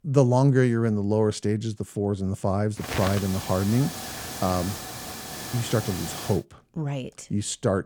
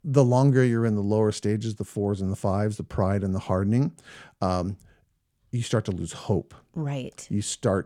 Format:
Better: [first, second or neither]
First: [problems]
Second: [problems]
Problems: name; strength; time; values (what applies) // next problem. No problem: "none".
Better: second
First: hiss; loud; from 3 to 6.5 s; 8 dB below the speech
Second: none